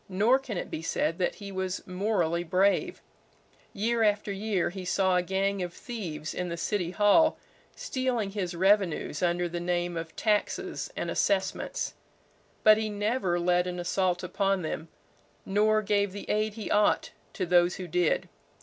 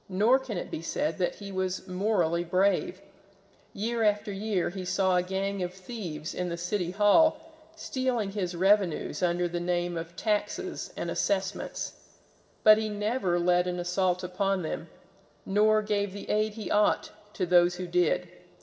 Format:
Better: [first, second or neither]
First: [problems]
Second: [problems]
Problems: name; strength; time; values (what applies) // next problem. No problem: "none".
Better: first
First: none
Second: room echo; dies away in 1.4 s